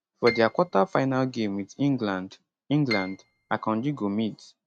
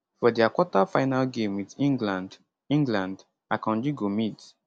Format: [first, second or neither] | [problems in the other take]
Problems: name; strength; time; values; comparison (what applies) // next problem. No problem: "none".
second | noise reduction (neural mask model RNNoise)